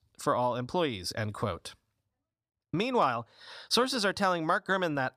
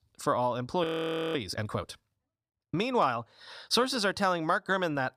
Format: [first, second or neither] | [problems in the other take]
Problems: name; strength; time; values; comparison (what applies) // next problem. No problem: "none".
first | audio freezing; at 1 s for 0.5 s